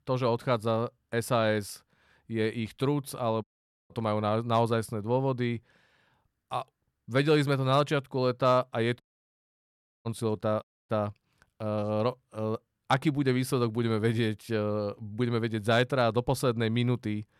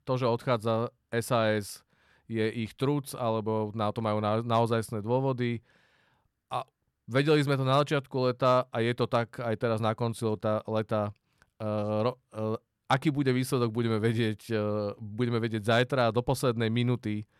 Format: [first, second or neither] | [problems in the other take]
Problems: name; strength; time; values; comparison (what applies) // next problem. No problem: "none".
second | audio cutting out; at 3.5 s, at 9 s for 1 s and at 11 s